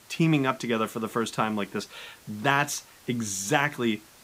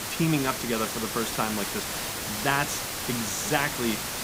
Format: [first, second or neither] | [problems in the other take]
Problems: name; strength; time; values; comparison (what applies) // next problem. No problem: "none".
first | hiss; loud; throughout; 1 dB below the speech; faint in the first